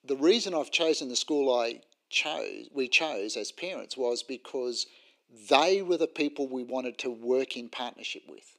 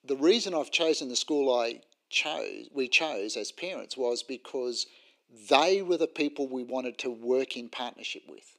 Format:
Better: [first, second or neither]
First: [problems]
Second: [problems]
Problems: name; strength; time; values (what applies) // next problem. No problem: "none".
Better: neither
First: thin; very slightly; fading below 300 Hz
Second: thin; very slightly; fading below 300 Hz